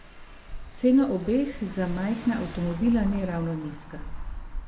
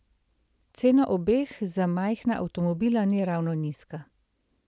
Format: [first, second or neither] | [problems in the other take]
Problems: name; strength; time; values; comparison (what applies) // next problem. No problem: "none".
second | background sound (Engine / Car); 10 dB below the speech // room echo; dies away in 0.6 s